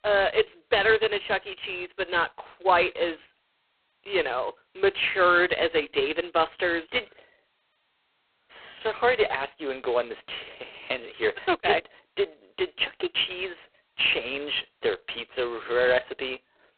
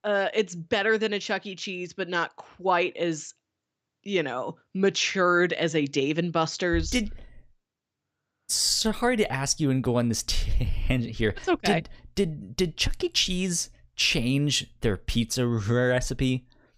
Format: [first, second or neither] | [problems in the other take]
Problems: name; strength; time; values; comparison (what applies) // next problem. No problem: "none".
second | phone-call audio; poor line